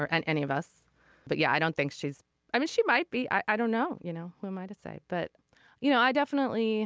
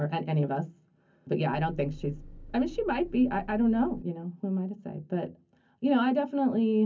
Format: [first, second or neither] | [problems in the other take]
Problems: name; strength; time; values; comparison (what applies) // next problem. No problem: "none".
first | background sound (Engine); 16 dB below the speech // room echo; dies away in 0.3 s